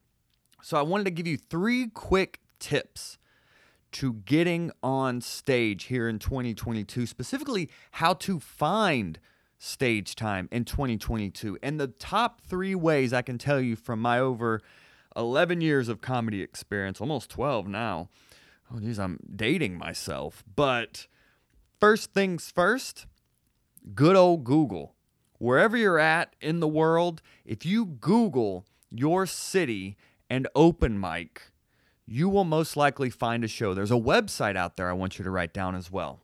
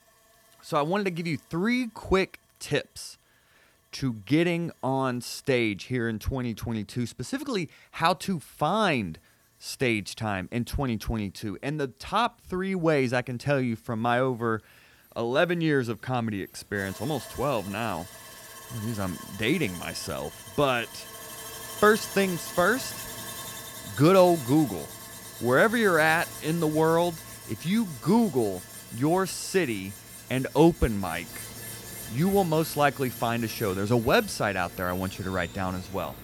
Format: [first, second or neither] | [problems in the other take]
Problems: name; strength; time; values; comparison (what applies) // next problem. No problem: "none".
first | machinery noise; noticeable; throughout; 15 dB below the speech